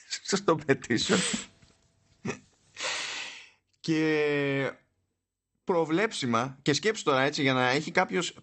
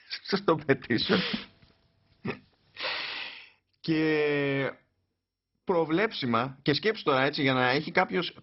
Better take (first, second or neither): first